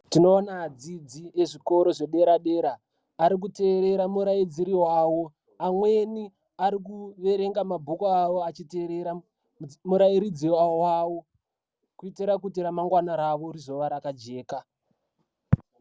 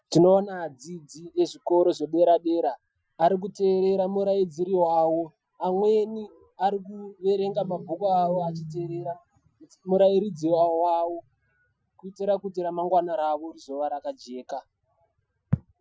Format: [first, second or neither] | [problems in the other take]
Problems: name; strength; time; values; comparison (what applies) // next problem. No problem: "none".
first | noise reduction (classical method Wiener filter)